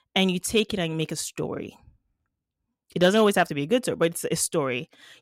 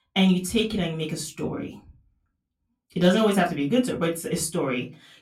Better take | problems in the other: first | off-mic speech; far // room echo; very slight; dies away in 0.2 s

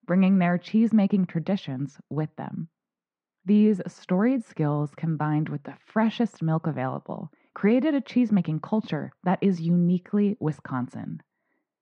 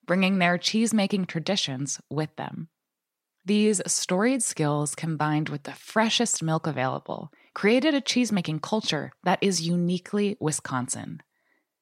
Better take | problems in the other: second | muffled; very; fading above 1.5 kHz

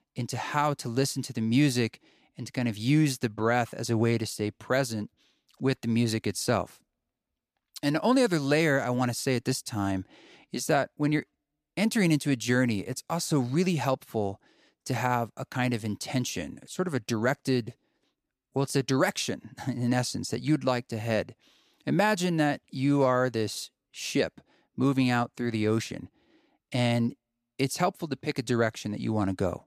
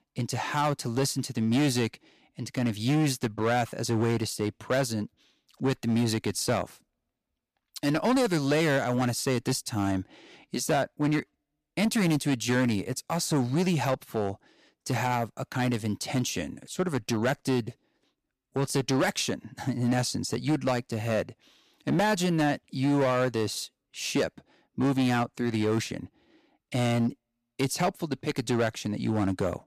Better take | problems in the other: first | distortion; slight; 8% of the sound clipped

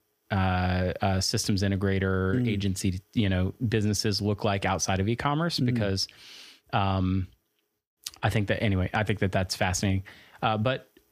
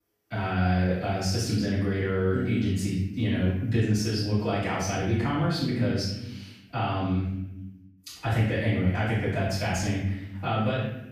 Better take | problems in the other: first | room echo; noticeable; dies away in 0.9 s // off-mic speech; far

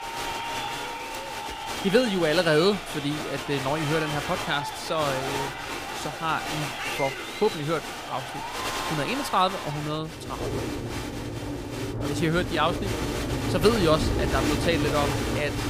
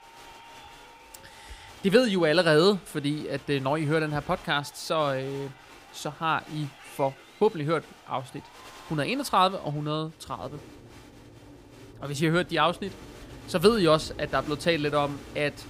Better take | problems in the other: second | crowd noise; loud; throughout; 4 dB below the speech; faint in the second

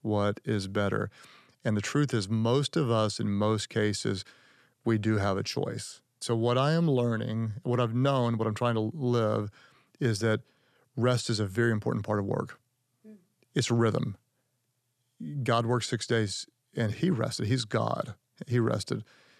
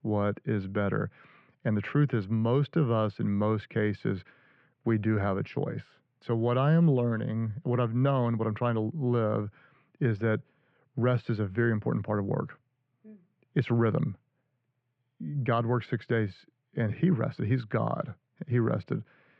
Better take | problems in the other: first | muffled; very; fading above 2.5 kHz

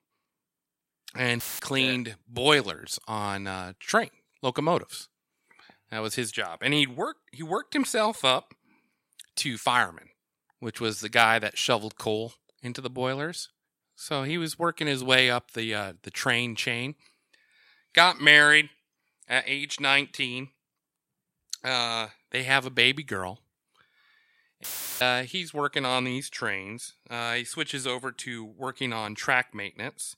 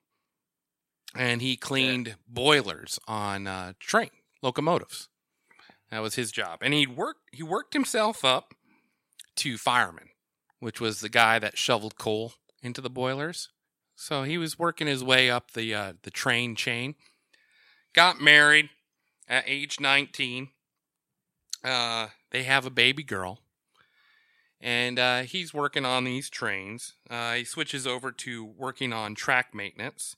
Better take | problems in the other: second | audio cutting out; filled with static; at 1.5 s and at 25 s

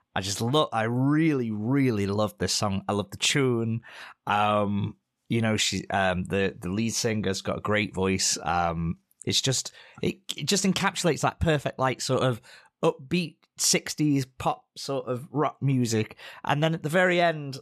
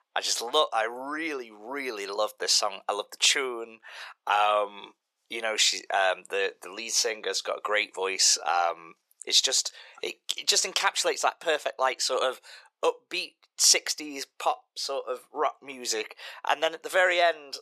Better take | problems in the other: first | thin; very; fading below 450 Hz

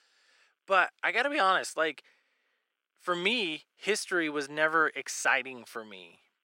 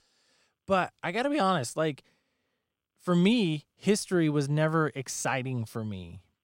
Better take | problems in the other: second | thin; very; fading below 350 Hz

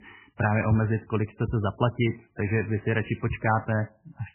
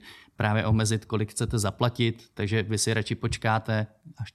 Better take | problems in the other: second | garbled, watery; badly; nothing above 3 kHz

